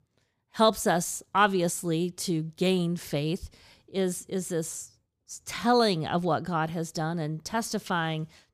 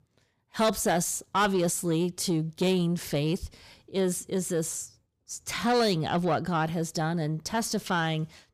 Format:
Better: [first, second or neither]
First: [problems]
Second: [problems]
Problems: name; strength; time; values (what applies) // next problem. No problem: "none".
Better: first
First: none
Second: distortion; slight; 10 dB below the speech